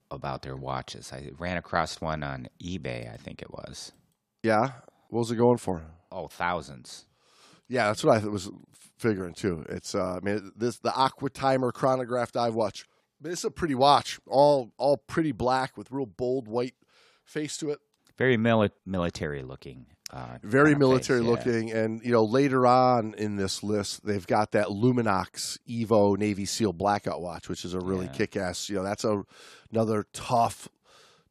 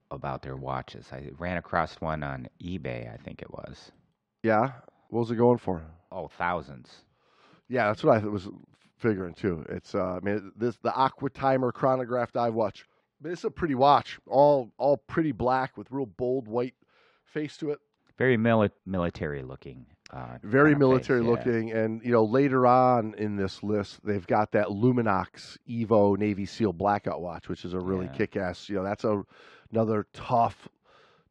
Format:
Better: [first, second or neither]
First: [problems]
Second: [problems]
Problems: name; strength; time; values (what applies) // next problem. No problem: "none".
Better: first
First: none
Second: muffled; slightly; fading above 2.5 kHz